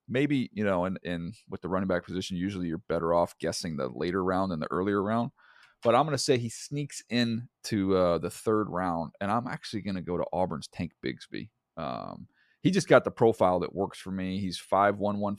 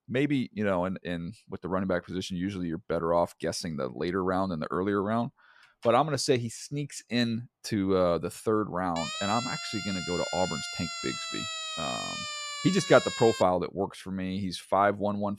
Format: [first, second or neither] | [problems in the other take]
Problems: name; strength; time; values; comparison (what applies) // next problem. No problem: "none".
first | siren; noticeable; from 9 to 13 s; peak 4 dB below the speech